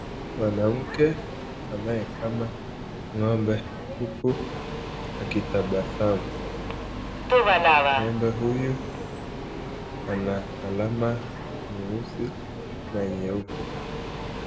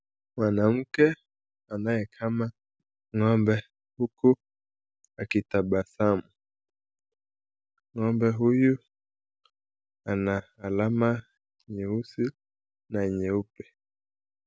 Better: second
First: background sound (Subway, metro, underground); as loud as the speech // room echo; dies away in 1.3 s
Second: none

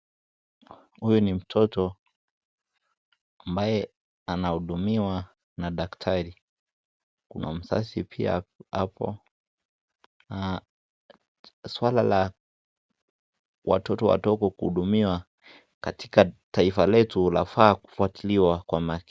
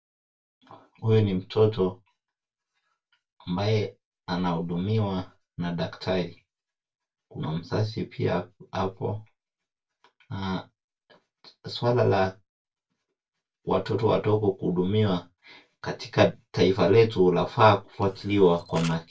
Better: first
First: none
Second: background sound (Camera); 18 dB below the speech // room echo; dies away in 0.2 s

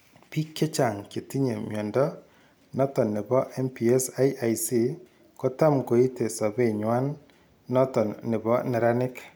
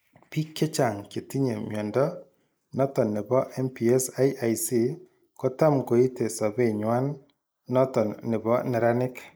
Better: first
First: none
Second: noise reduction (neural mask model Resemble Enhance denoiser)

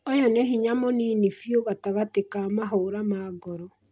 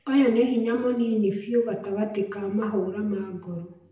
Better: first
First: none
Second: room echo; dies away in 0.7 s

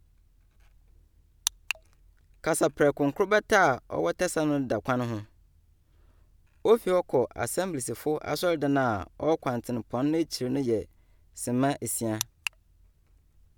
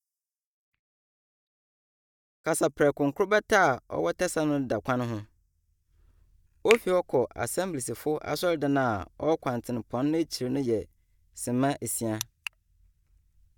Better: first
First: none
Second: noise reduction (neural mask model DeepFilterNet 3)

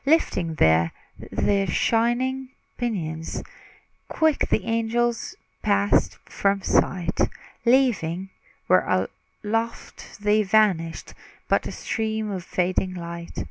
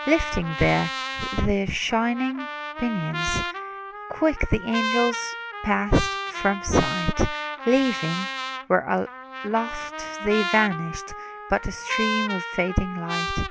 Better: first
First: none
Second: background sound (Trumpet); 6 dB below the speech

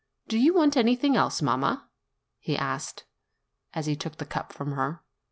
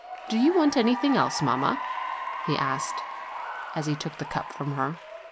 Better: first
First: none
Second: background sound (Applause / Cheering); 7 dB below the speech

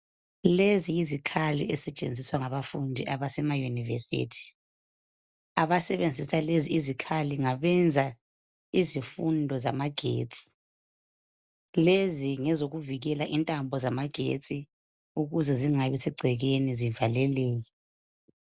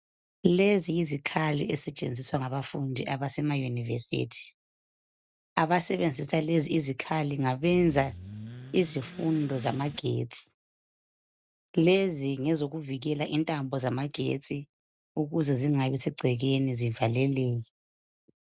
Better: first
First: none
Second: noise reduction (neural mask model RNNoise)

